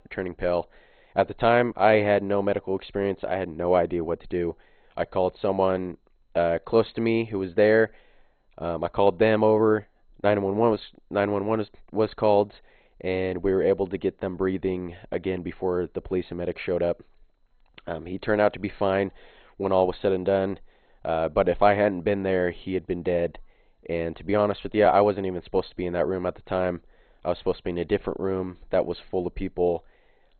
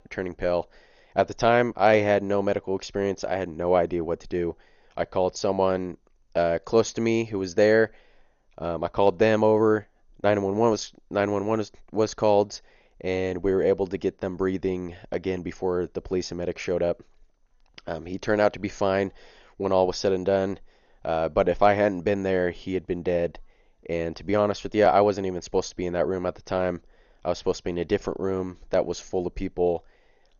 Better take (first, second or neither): second